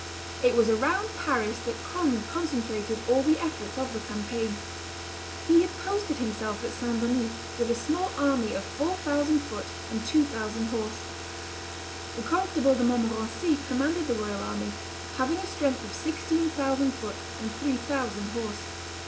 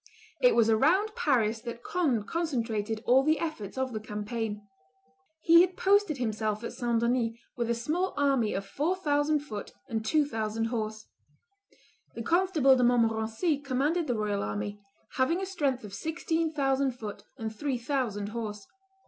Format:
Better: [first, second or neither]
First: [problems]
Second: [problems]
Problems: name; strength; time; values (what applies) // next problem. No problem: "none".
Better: second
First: background sound (Car); 9 dB below the speech // room echo; dies away in 0.5 s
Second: none